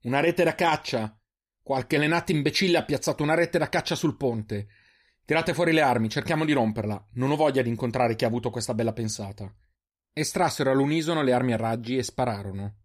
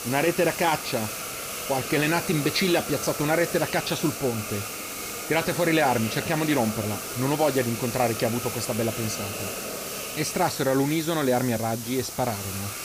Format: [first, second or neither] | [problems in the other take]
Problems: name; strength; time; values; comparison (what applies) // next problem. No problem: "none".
first | hiss; loud; throughout; 6 dB below the speech